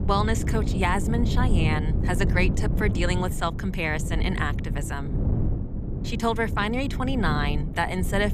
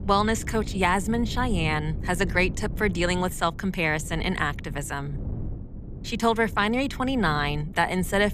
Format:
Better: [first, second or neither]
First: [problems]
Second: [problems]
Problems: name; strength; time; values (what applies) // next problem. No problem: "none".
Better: second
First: wind noise on the microphone; heavy; 10 dB below the speech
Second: wind noise on the microphone; occasional gusts; 20 dB below the speech